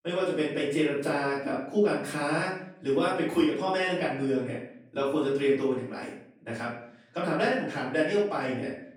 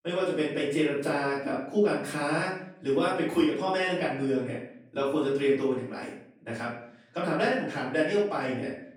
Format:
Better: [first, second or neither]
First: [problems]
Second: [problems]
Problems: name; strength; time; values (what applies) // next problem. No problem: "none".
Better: neither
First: off-mic speech; far // room echo; noticeable; dies away in 0.5 s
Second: off-mic speech; far // room echo; noticeable; dies away in 0.5 s